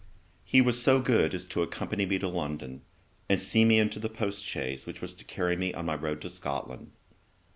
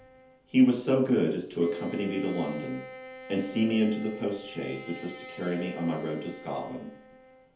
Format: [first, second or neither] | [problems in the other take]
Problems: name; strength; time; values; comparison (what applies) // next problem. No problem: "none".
first | background sound (Bowed string instrument); 16 dB below the speech // room echo; dies away in 0.5 s